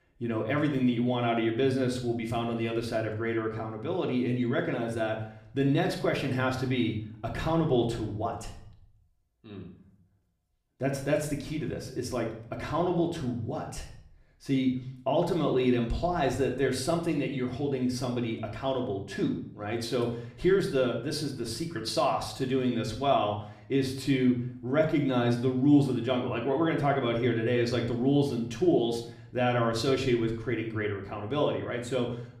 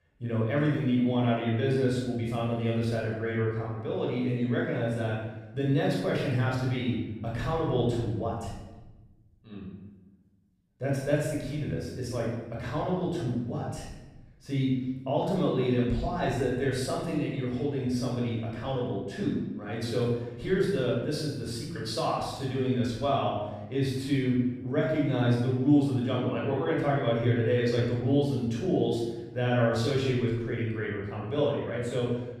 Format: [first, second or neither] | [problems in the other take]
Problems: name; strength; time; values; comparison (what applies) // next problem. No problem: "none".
first | room echo; strong; dies away in 1 s; slight in the first // off-mic speech; far; somewhat distant in the first